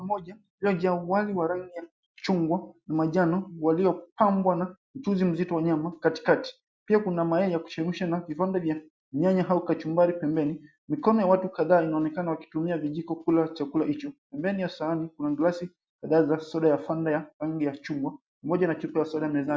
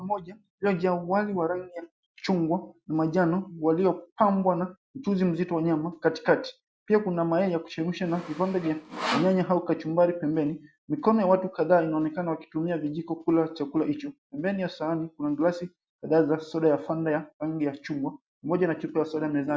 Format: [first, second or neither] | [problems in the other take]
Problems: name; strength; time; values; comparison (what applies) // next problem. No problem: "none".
first | background sound (Sawing); 9 dB below the speech